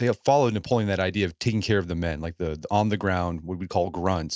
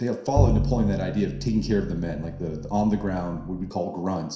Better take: first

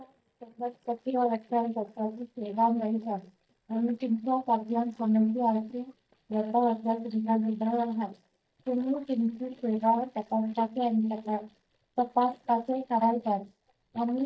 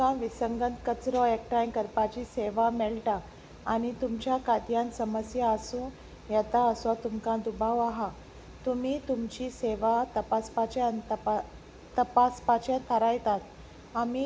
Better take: second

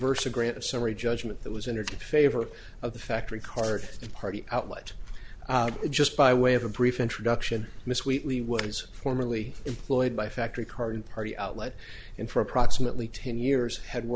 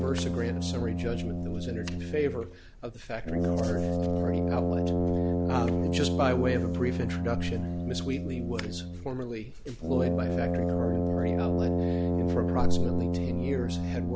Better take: first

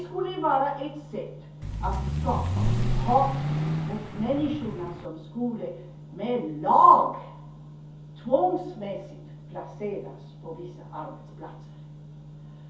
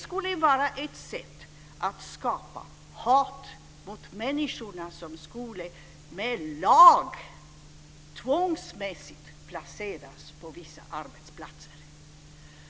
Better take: second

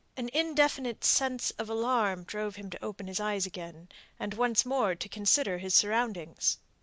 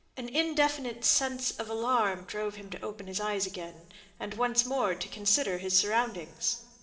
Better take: first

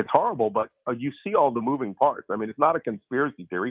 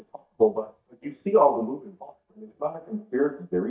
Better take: first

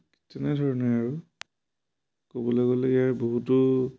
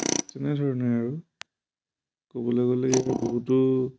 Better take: first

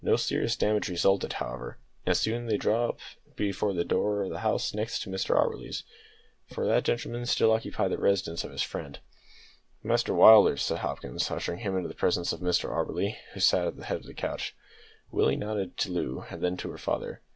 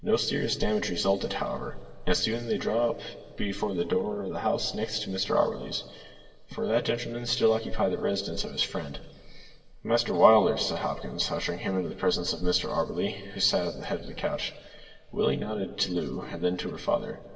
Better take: first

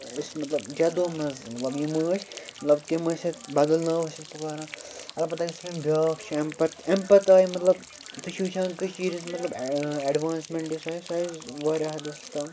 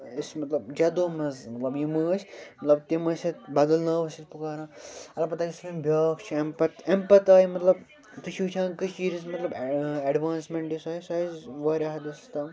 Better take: second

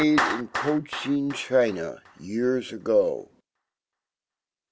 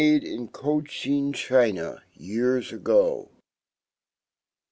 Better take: second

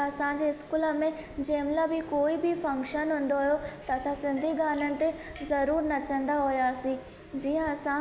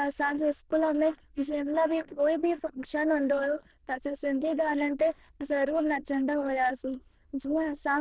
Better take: first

